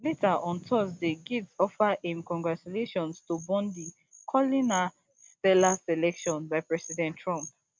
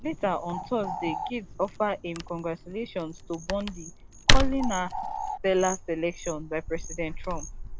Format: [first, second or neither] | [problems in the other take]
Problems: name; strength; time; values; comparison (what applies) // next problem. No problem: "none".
first | background sound (Bird + Tearing / Wood); 2 dB above the speech